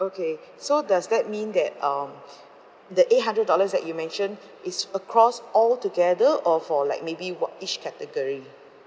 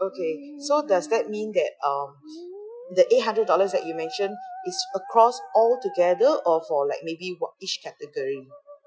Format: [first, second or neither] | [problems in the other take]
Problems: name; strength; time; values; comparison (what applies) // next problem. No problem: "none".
first | noise reduction (classical method Wiener filter)